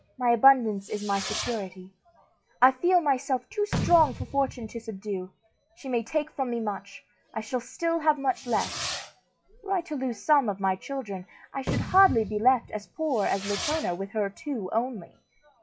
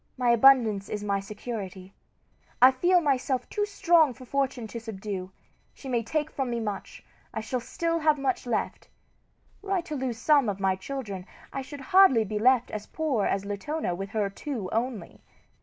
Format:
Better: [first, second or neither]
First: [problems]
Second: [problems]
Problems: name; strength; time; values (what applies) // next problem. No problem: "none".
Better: second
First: noise reduction (classical method log-MMSE)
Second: none